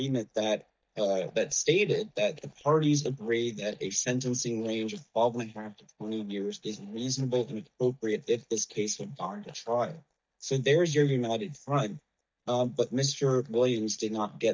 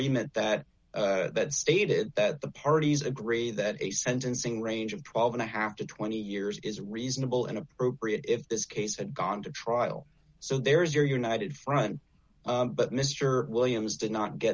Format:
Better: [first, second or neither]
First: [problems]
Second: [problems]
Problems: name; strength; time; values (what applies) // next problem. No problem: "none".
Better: second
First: noise reduction (neural mask model DeepFilterNet 3)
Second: none